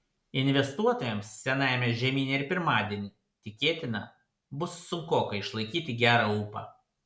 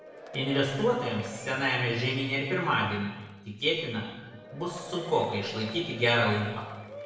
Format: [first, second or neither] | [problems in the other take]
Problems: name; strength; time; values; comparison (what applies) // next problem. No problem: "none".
first | background sound (Applause / Crowd / Cheering); 15 dB below the speech // room echo; dies away in 1.1 s